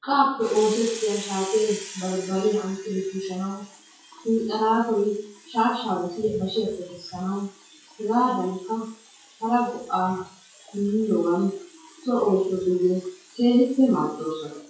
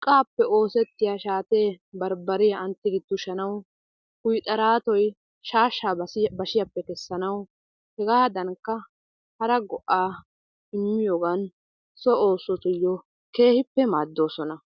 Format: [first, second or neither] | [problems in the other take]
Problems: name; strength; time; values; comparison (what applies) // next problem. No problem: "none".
second | noise reduction (classical method WPE with log-MMSE)